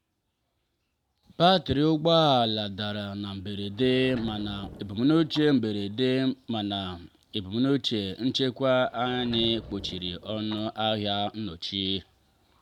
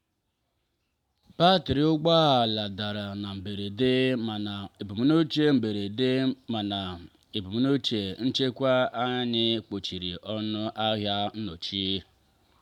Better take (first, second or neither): second